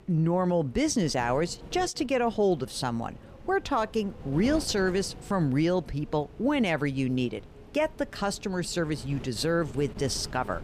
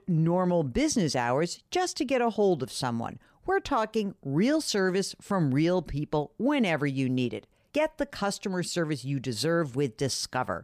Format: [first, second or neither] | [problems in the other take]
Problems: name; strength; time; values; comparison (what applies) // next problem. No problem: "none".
second | wind noise on the microphone; occasional gusts; 20 dB below the speech